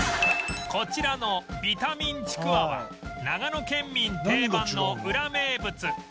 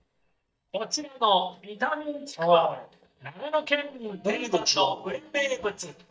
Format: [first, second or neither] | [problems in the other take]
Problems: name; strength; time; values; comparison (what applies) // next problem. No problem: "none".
first | noise reduction (neural mask model DeepFilterNet 3)